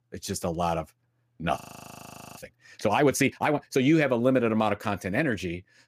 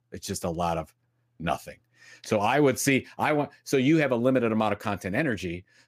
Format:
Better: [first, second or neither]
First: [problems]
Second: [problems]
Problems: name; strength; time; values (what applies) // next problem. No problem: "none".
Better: second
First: audio freezing; at 1.5 s for 1 s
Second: none